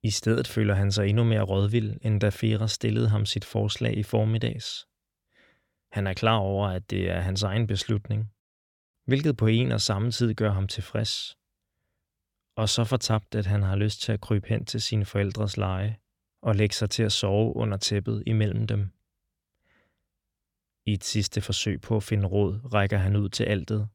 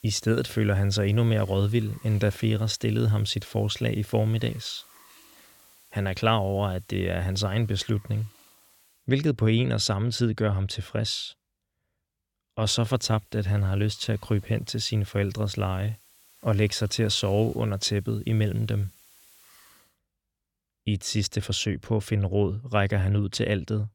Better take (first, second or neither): first